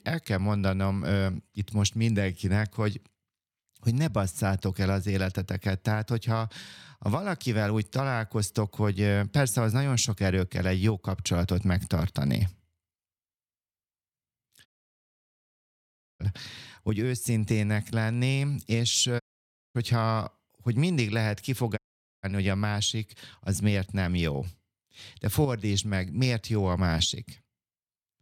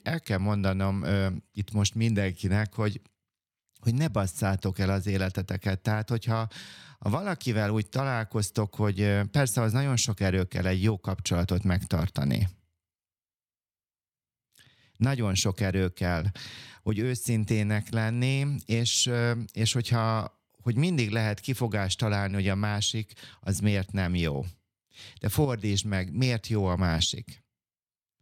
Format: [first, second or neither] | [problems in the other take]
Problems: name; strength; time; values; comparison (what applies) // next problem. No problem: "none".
second | audio cutting out; at 15 s for 1.5 s, at 19 s for 0.5 s and at 22 s